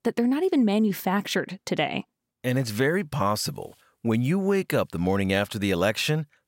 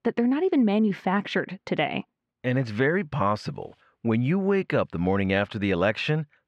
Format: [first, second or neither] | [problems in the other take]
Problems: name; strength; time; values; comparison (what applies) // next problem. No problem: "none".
first | muffled; slightly; fading above 2.5 kHz